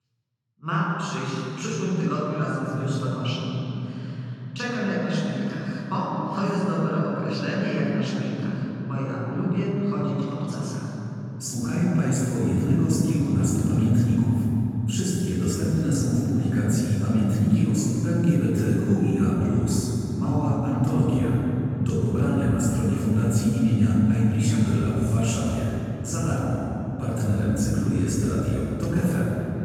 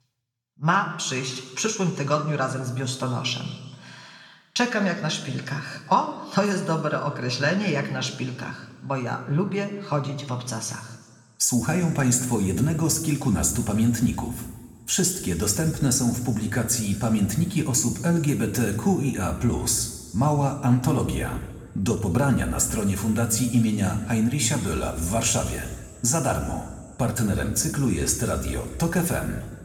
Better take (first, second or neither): second